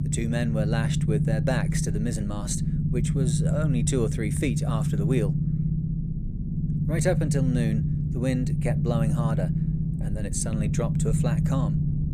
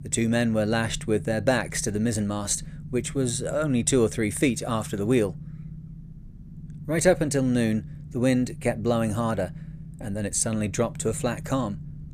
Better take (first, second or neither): second